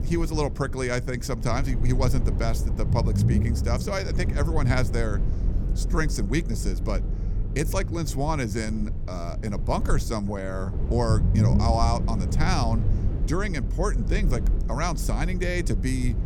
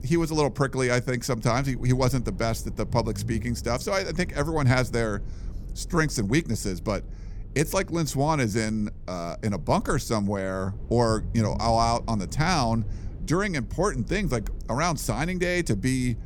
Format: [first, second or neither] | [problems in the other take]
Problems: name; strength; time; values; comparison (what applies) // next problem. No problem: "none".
second | low rumble; loud; throughout; 10 dB below the speech; faint in the second